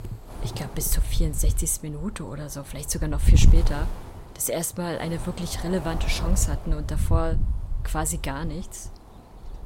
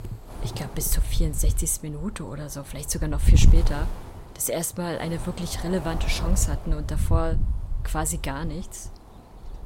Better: neither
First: wind noise on the microphone; heavy; 10 dB below the speech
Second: wind noise on the microphone; heavy; 10 dB below the speech

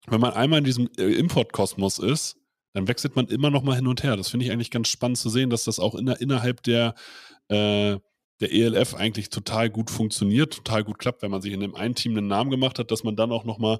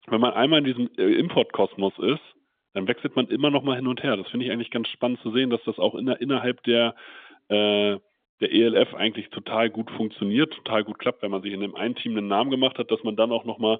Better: first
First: none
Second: phone-call audio; nothing above 3.5 kHz

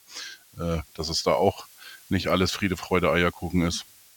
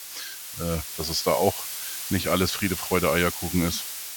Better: first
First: hiss; faint; throughout; 25 dB below the speech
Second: hiss; loud; throughout; 6 dB below the speech

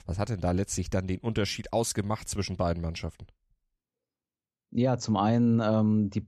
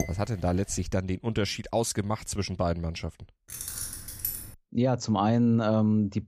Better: first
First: none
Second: clattering dishes; noticeable; at the start; peak 8 dB below the speech // jangling keys; noticeable; from 3.5 to 4.5 s; peak 4 dB below the speech

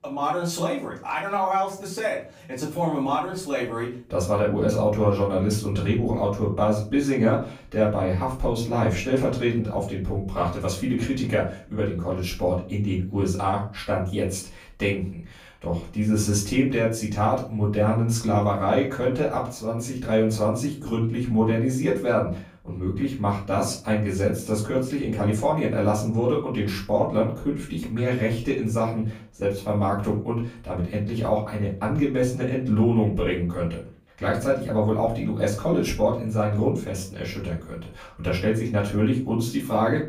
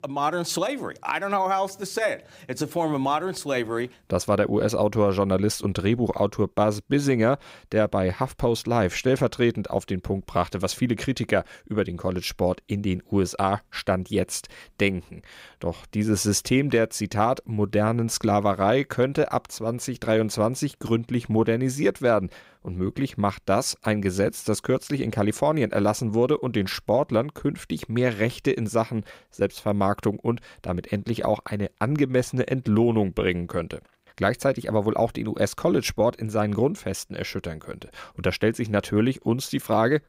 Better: second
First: off-mic speech; far // room echo; slight; dies away in 0.3 s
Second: none

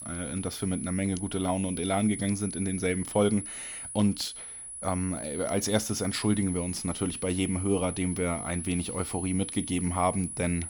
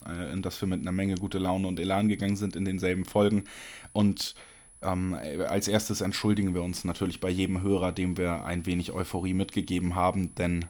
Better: second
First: high-pitched whine; loud; throughout; 10 kHz, 7 dB below the speech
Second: high-pitched whine; faint; throughout; 10 kHz, 20 dB below the speech

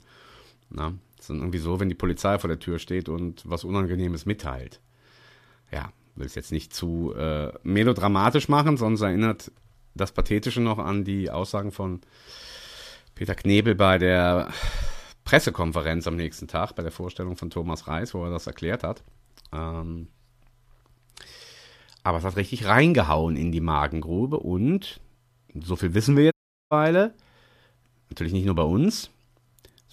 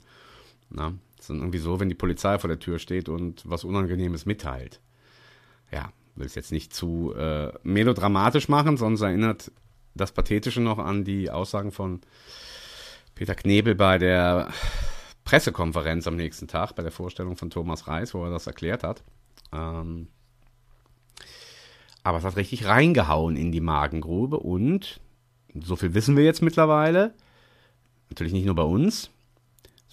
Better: second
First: audio cutting out; at 26 s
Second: none

